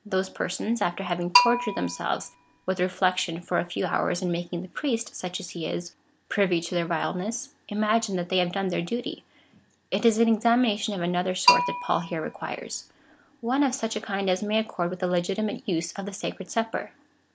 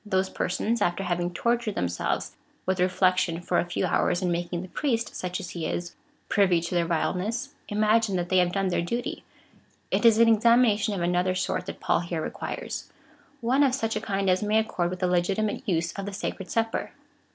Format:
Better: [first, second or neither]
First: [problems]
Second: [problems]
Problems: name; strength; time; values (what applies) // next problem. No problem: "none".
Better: second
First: background sound (Bell); 2 dB below the speech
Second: none